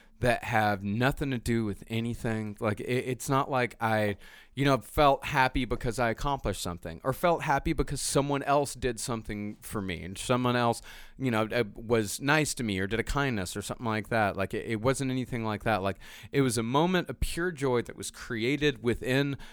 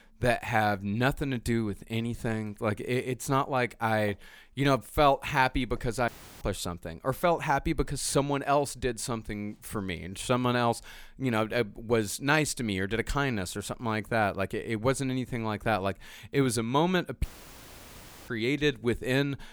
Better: first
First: none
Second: audio cutting out; filled with static; at 6 s and at 17 s for 1 s

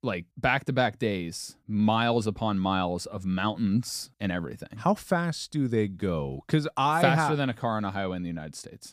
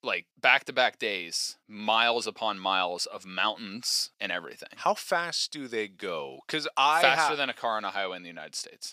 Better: first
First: none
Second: thin; very; fading below 550 Hz

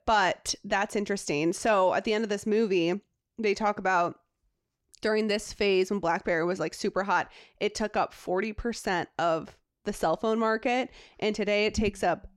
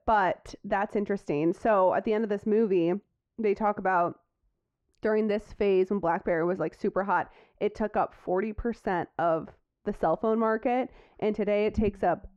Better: first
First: none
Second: muffled; very; fading above 2.5 kHz

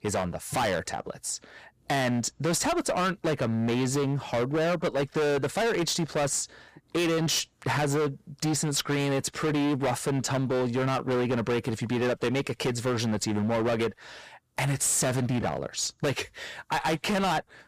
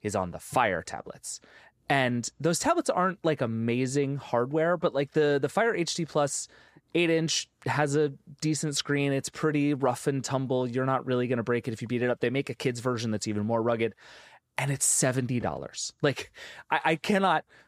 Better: second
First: distortion; heavy; 24% of the sound clipped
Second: none

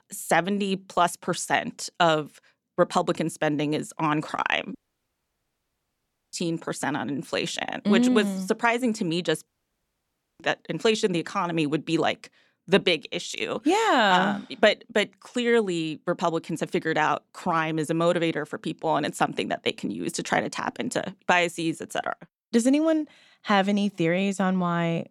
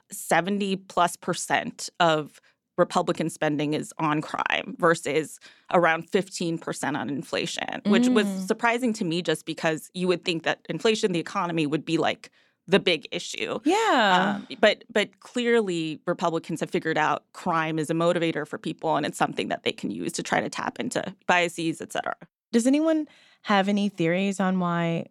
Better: second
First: audio cutting out; at 5 s for 1.5 s and at 9.5 s for 1 s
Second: none

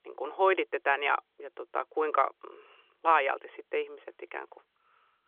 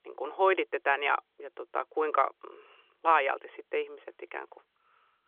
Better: neither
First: phone-call audio; nothing above 3.5 kHz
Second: phone-call audio; nothing above 3.5 kHz

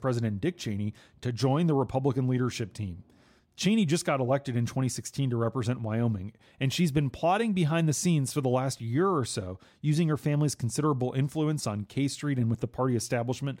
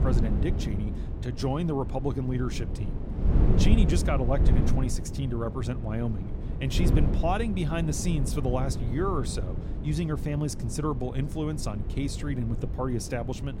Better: first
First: none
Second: wind noise on the microphone; heavy; 7 dB below the speech

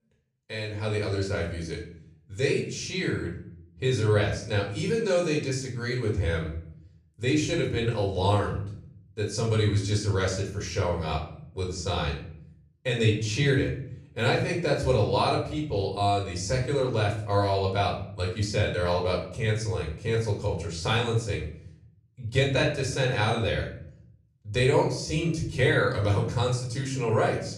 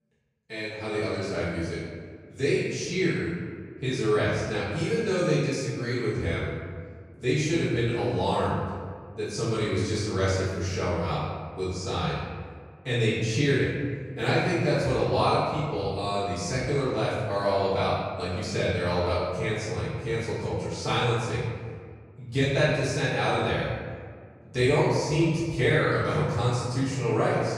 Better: first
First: room echo; slight; dies away in 0.6 s // off-mic speech; far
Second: room echo; strong; dies away in 1.6 s // off-mic speech; far

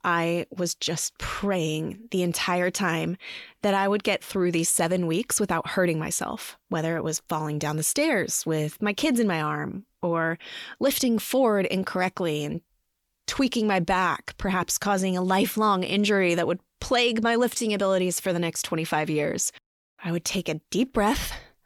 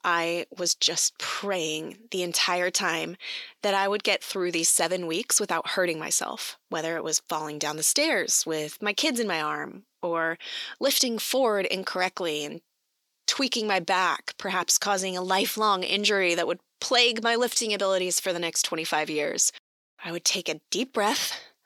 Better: first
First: none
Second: thin; somewhat; fading below 350 Hz

